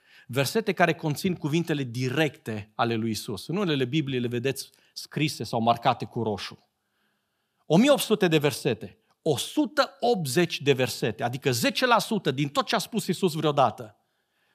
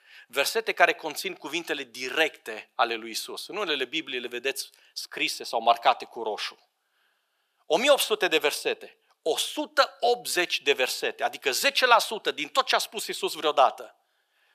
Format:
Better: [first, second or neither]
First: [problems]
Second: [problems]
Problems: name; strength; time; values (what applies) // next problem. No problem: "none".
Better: first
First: none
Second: thin; very; fading below 450 Hz